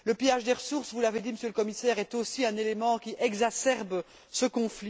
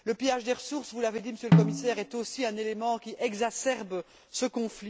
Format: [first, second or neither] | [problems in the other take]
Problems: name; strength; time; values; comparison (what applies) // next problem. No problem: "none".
first | background sound (Snare drum); 4 dB above the speech